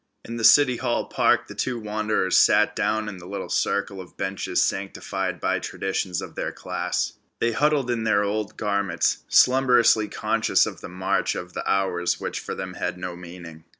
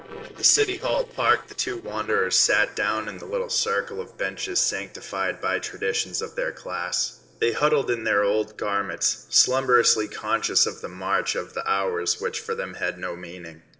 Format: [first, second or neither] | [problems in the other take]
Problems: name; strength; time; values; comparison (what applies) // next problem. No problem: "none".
first | noise reduction (neural separator model SepFormer DNS4)